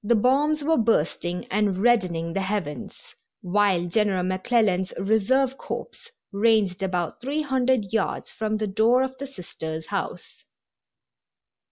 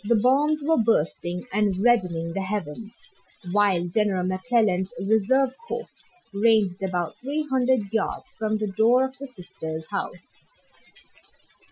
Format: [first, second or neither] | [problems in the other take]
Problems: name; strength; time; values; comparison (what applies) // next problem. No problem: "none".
first | noise reduction (classical method Wiener filter)